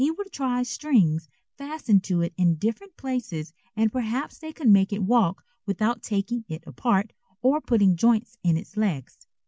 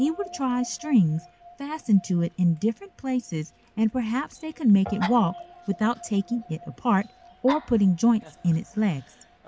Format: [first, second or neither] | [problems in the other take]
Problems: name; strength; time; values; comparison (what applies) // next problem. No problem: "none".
first | background sound (Guitar + Dog); 18 dB below the speech